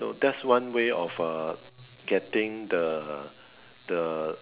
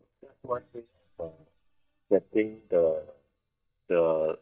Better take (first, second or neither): first